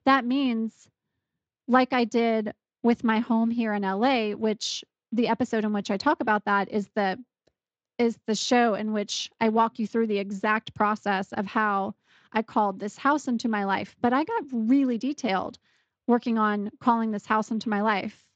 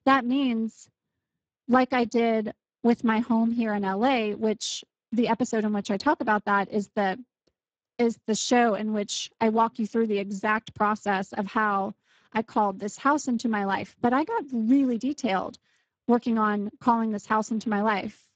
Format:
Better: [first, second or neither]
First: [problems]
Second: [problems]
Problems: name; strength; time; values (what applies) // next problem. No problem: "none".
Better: first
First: garbled, watery; slightly; nothing above 7.5 kHz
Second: garbled, watery; badly; nothing above 7.5 kHz